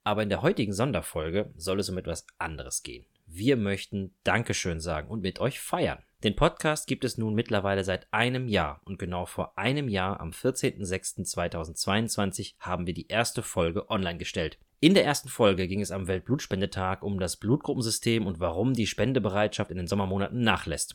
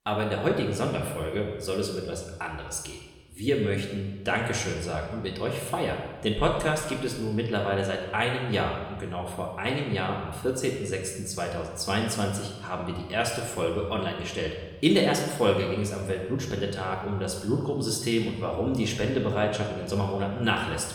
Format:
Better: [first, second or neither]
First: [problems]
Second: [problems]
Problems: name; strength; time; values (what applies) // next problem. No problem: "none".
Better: first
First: none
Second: room echo; noticeable; dies away in 1 s // off-mic speech; somewhat distant